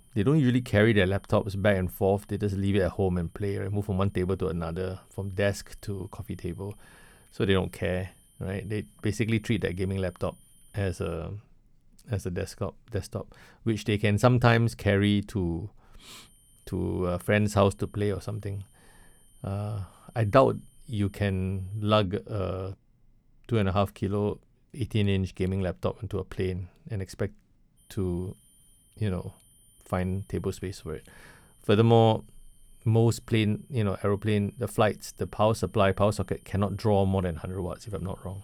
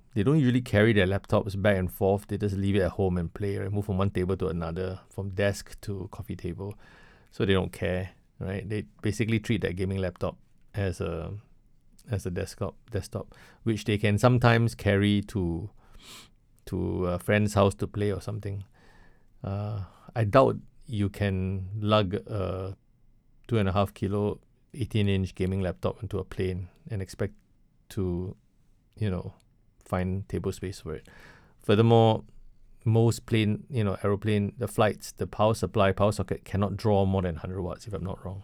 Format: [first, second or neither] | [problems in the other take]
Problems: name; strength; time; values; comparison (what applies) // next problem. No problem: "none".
second | high-pitched whine; faint; until 11 s, from 16 to 22 s and from 28 s on; 9.5 kHz, 30 dB below the speech